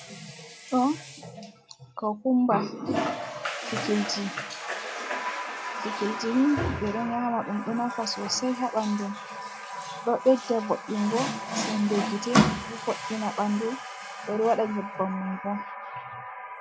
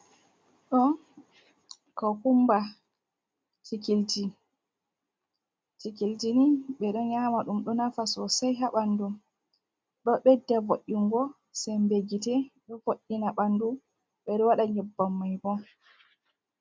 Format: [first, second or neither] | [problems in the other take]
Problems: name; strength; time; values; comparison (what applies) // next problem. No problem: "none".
second | background sound (Water tap, faucet); 4 dB below the speech